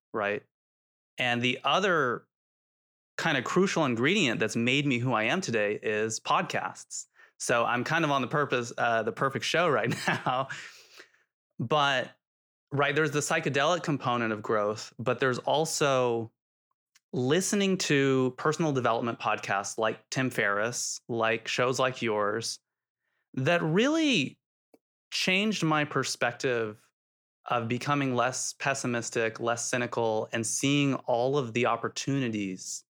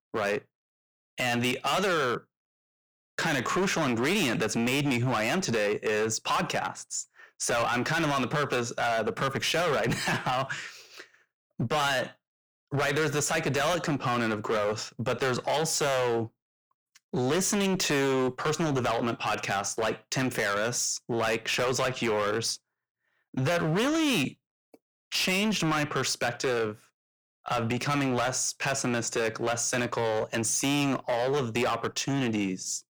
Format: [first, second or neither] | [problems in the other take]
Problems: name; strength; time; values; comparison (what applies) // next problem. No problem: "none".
first | distortion; heavy; 18% of the sound clipped